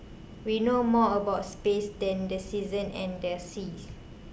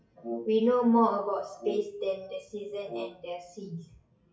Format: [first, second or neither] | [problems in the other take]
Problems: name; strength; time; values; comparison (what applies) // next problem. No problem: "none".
first | noise reduction (classical method WPE with log-MMSE)